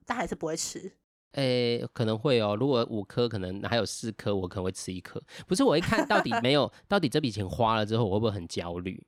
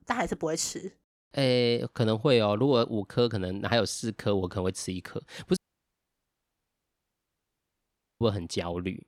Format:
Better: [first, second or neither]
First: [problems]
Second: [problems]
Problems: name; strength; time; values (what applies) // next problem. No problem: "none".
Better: first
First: none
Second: audio cutting out; at 5.5 s for 2.5 s